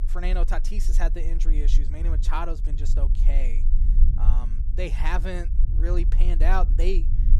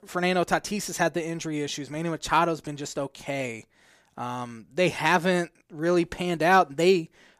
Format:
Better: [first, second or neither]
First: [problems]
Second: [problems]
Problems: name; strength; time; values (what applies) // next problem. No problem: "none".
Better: second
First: low rumble; noticeable; throughout; 15 dB below the speech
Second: none